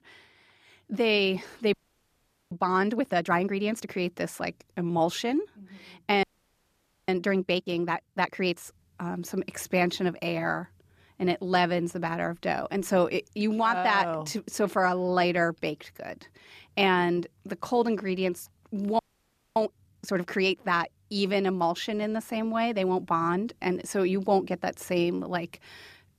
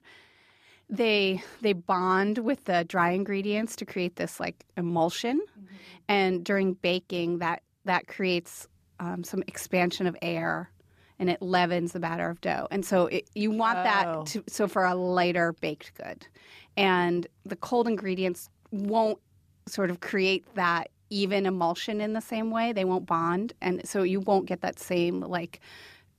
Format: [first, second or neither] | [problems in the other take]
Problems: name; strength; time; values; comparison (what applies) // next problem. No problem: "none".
second | audio freezing; at 1.5 s for 1 s, at 6 s for 1 s and at 19 s for 0.5 s